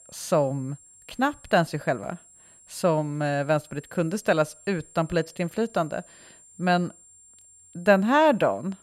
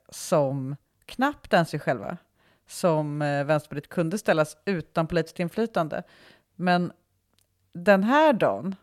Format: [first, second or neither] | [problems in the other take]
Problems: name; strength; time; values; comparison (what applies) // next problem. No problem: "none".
second | high-pitched whine; faint; throughout; 7.5 kHz, 25 dB below the speech